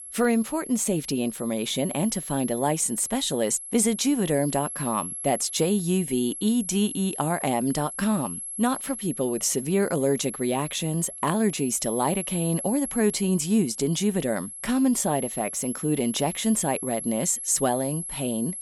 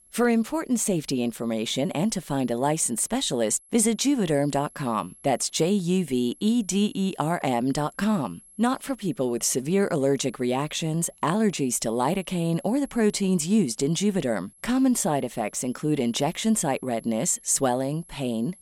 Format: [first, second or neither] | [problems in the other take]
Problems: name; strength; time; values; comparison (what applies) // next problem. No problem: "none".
second | high-pitched whine; loud; throughout; 11 kHz, 8 dB below the speech; faint in the second